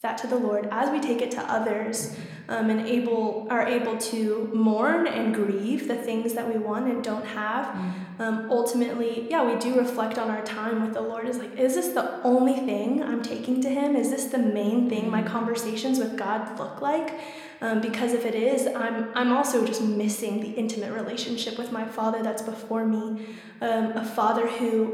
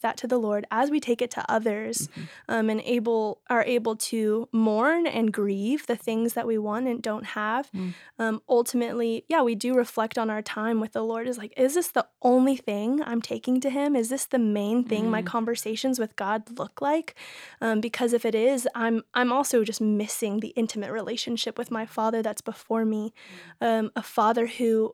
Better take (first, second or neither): second